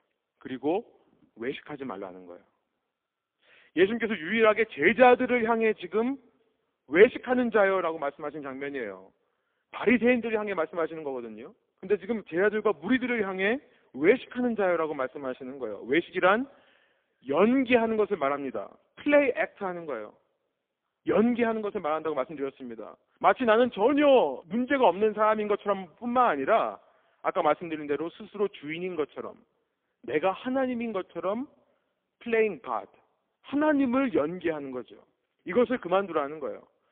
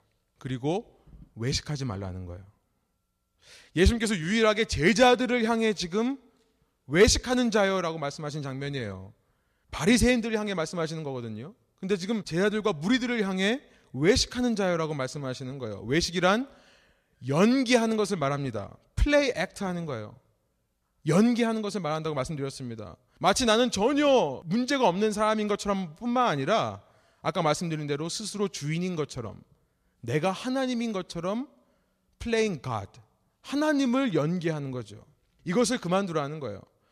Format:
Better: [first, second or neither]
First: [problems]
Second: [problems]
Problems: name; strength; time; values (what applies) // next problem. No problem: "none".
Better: second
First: phone-call audio; poor line; nothing above 3.5 kHz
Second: none